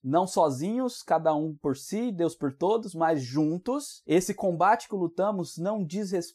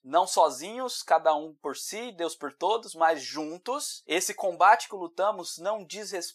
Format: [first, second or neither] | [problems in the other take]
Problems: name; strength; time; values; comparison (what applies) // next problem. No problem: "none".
first | thin; very; fading below 750 Hz